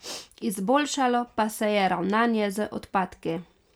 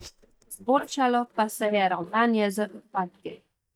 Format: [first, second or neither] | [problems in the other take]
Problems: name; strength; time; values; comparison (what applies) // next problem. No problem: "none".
first | noise reduction (neural mask model DeepFilterNet 3)